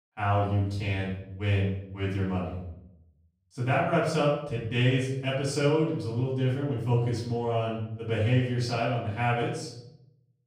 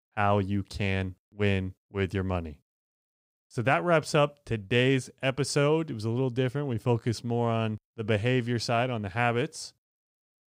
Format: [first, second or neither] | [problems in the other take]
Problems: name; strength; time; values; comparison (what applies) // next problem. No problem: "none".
second | room echo; noticeable; dies away in 0.7 s // off-mic speech; far